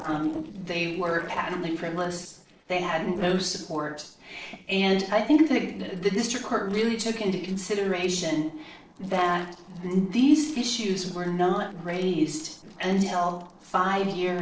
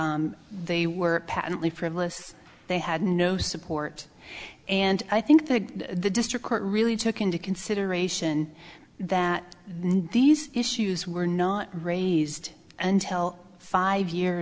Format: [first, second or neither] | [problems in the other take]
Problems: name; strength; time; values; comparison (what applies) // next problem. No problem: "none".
second | noise reduction (neural separator model SepFormer DNS4)